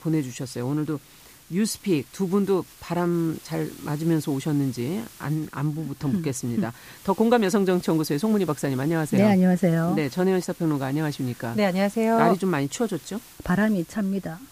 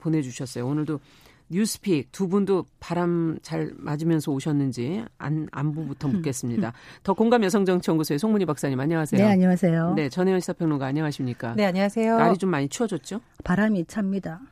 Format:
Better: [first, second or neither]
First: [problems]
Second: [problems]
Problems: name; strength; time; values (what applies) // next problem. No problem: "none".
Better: second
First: hiss; faint; throughout; 20 dB below the speech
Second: none